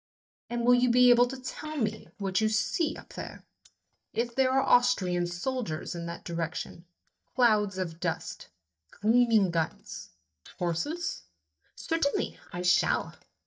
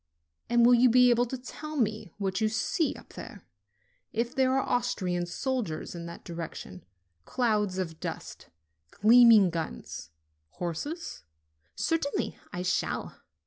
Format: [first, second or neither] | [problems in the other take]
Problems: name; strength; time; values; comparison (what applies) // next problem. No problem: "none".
second | noise reduction (neural mask model DeepFilterNet 3)